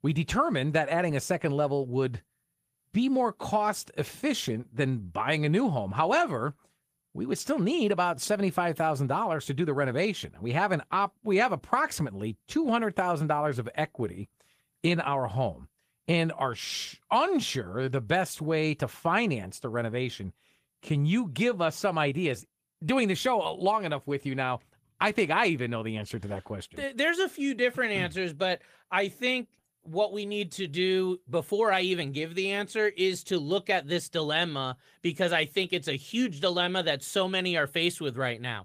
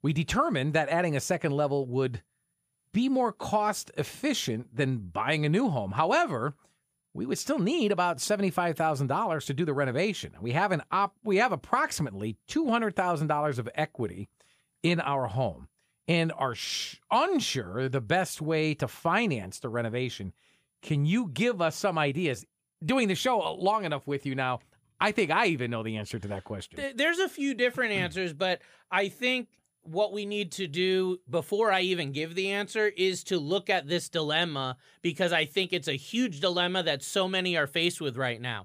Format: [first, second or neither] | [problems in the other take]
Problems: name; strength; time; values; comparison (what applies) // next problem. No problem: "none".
second | garbled, watery; slightly; nothing above 15 kHz